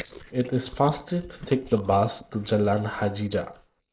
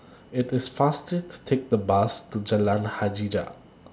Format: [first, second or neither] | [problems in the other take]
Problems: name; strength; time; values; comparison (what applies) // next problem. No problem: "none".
second | noise reduction (neural mask model Resemble Enhance denoiser)